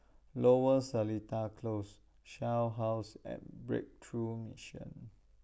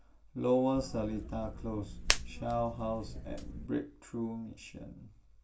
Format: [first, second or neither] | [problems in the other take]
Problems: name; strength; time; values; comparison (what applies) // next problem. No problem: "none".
first | background sound (Hands); 3 dB below the speech // room echo; dies away in 0.2 s